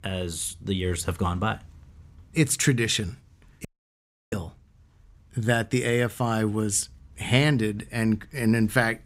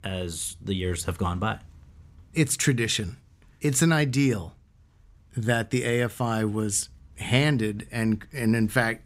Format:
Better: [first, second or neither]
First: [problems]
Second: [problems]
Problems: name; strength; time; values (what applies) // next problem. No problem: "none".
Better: second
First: audio cutting out; at 3.5 s for 0.5 s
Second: none